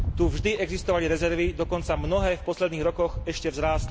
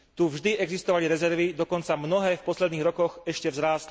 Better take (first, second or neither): second